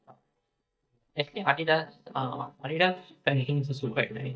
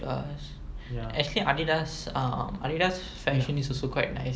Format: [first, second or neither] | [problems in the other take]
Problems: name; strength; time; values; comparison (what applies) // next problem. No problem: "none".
second | noise reduction (neural mask model DeepFilterNet 3)